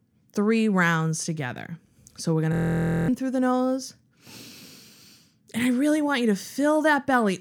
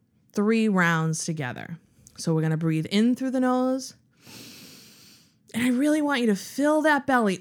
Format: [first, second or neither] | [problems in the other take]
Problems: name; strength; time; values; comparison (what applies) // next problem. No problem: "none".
second | audio freezing; at 2.5 s for 0.5 s